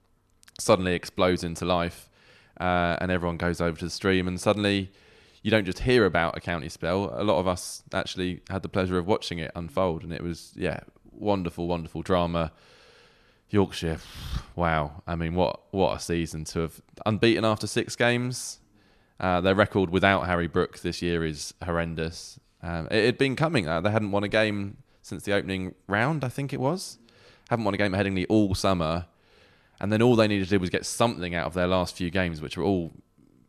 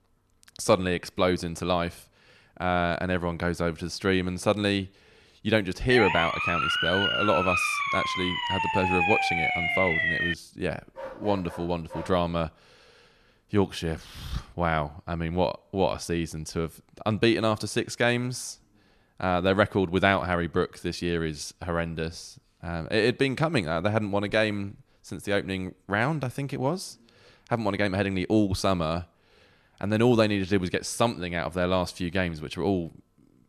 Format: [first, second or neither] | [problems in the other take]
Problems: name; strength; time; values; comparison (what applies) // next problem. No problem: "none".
first | siren; loud; from 6 to 10 s; peak 4 dB above the speech // dog barking; faint; from 11 to 12 s; peak 10 dB below the speech